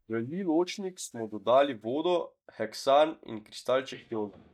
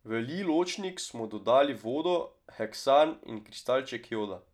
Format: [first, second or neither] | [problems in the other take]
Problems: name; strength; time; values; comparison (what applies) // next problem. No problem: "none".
second | noise reduction (neural mask model DeepFilterNet 3)